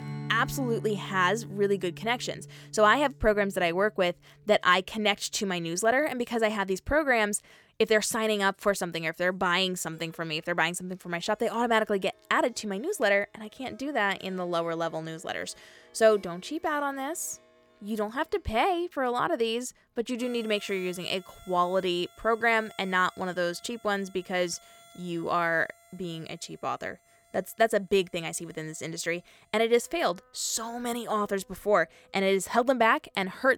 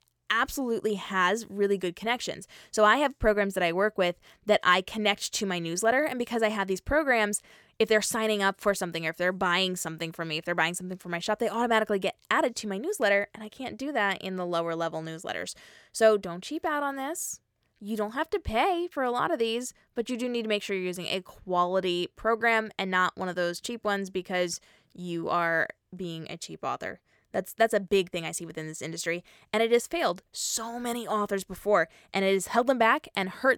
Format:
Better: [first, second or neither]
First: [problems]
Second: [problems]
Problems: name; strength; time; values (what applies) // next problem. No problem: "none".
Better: second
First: background music; faint; throughout; 20 dB below the speech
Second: none